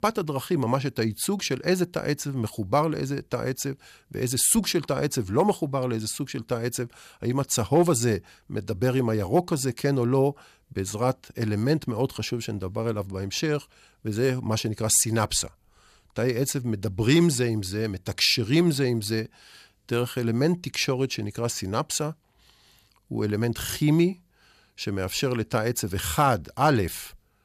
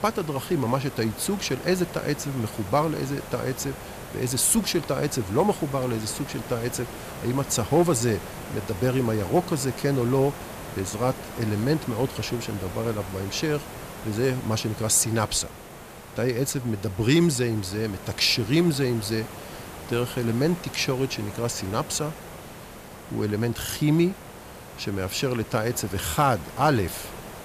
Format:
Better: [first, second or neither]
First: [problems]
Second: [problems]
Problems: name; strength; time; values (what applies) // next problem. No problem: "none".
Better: first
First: none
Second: hiss; noticeable; throughout; 15 dB below the speech